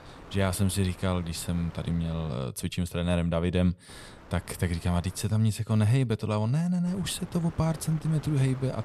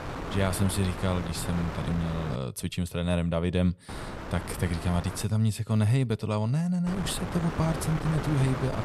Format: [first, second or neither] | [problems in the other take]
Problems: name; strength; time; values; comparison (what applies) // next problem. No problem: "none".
first | wind noise on the microphone; heavy; until 2.5 s, from 4 to 5 s and from 7 s on; 3 dB below the speech; occasional gusts in the first